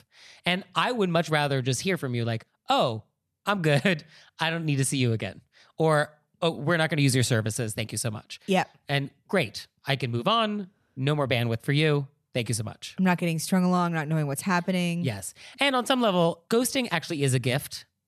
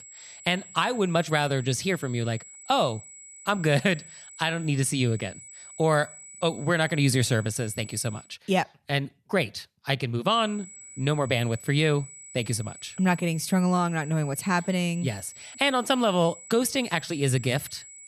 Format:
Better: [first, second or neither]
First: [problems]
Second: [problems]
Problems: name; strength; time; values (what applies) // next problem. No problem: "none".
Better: first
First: none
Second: high-pitched whine; noticeable; until 8 s and from 10 s on; 8 kHz, 15 dB below the speech